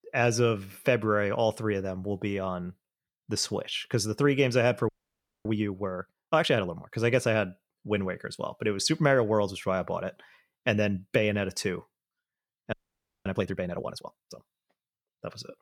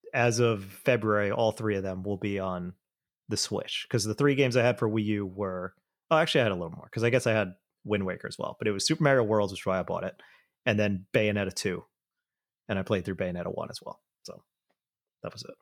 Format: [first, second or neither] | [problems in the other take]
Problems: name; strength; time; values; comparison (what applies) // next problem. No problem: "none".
second | audio freezing; at 5 s for 0.5 s and at 13 s for 0.5 s